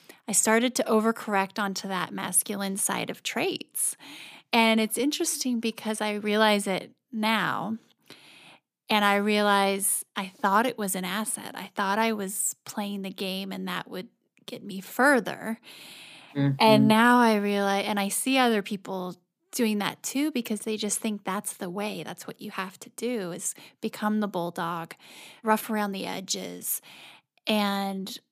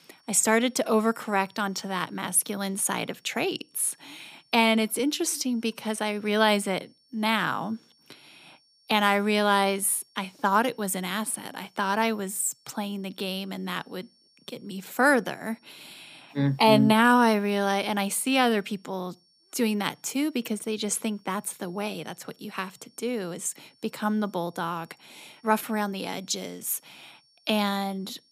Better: first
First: none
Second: high-pitched whine; faint; throughout; 5.5 kHz, 35 dB below the speech

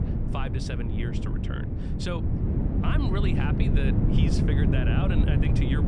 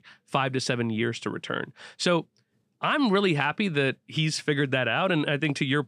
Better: second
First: wind noise on the microphone; heavy; as loud as the speech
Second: none

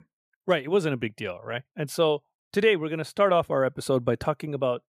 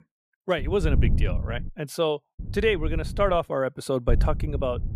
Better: first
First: none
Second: wind noise on the microphone; occasional gusts; from 0.5 to 1.5 s, at 2.5 s and at 4 s; 15 dB below the speech

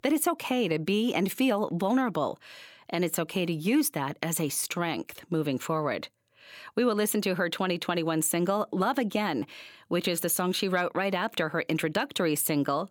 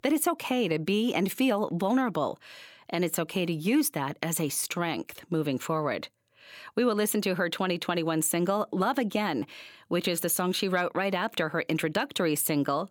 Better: neither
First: none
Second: none

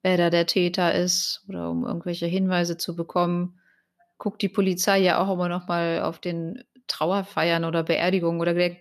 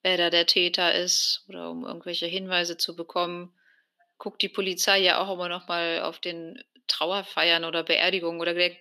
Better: first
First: none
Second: thin; somewhat; fading below 300 Hz

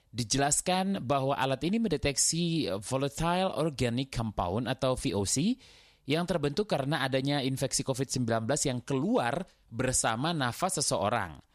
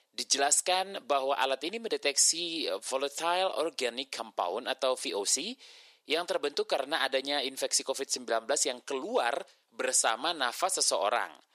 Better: first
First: none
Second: thin; very; fading below 350 Hz

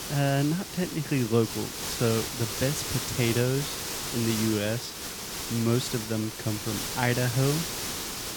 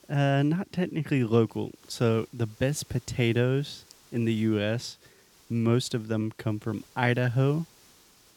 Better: second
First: hiss; loud; throughout; 4 dB below the speech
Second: hiss; faint; throughout; 30 dB below the speech

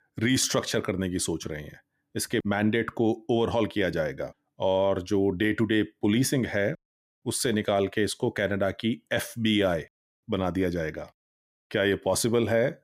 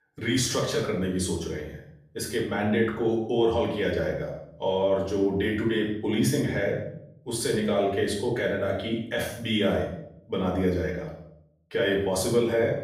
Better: first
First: none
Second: off-mic speech; far // room echo; noticeable; dies away in 0.6 s

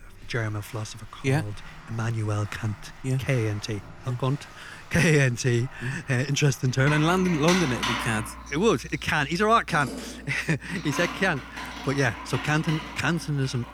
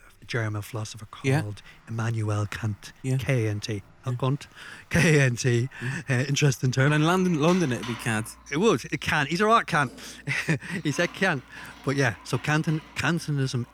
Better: second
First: household noises; loud; throughout; 9 dB below the speech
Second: household noises; faint; throughout; 20 dB below the speech

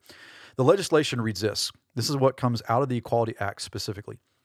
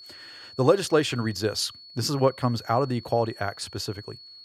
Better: first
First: none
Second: high-pitched whine; noticeable; throughout; 4.5 kHz, 20 dB below the speech

